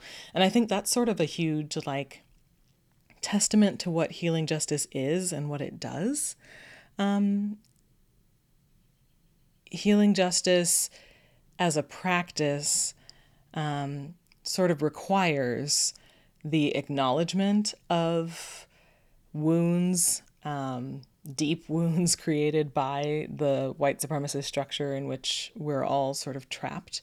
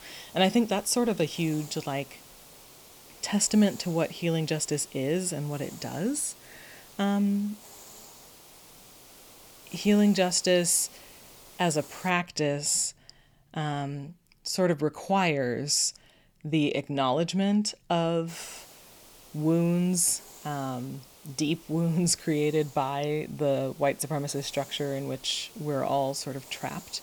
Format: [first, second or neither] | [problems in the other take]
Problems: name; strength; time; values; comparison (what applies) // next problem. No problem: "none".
first | hiss; faint; until 12 s and from 18 s on; 20 dB below the speech